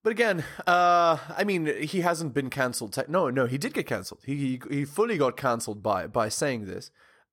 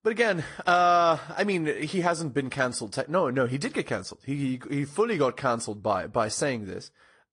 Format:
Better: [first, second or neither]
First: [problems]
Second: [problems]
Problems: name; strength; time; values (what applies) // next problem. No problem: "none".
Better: first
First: none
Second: garbled, watery; slightly; nothing above 9 kHz